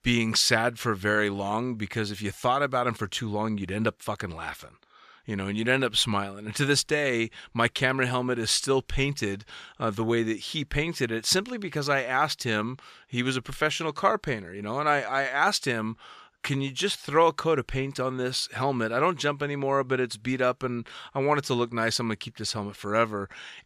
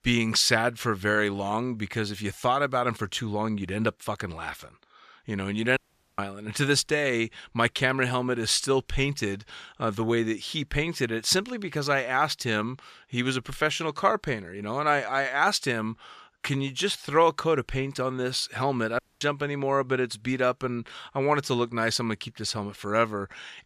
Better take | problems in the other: first | audio cutting out; at 6 s and at 19 s

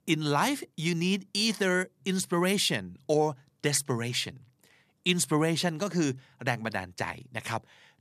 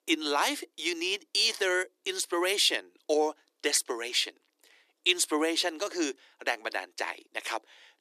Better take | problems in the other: first | thin; somewhat; fading below 300 Hz

